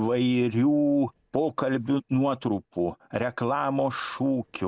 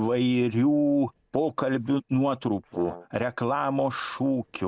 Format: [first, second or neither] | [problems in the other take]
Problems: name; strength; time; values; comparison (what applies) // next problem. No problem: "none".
first | background sound (Brass instrument); 14 dB below the speech